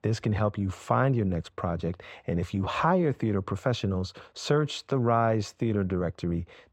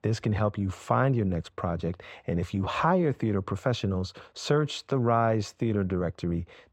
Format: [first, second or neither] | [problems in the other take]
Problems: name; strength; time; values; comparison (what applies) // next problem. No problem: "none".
neither | muffled; very; fading above 3.5 kHz; the same in both